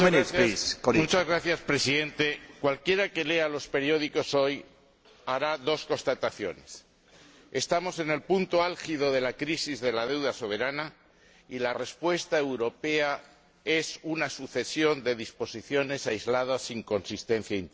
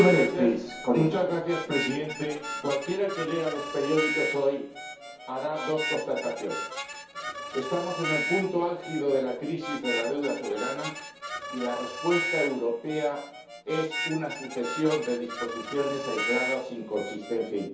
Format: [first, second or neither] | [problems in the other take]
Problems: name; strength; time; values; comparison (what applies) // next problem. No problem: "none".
first | background sound (Harmonica); 7 dB below the speech // room echo; dies away in 0.6 s